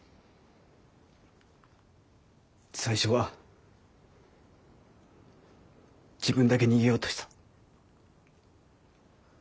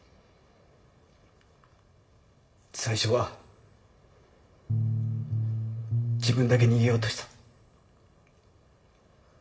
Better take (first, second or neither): first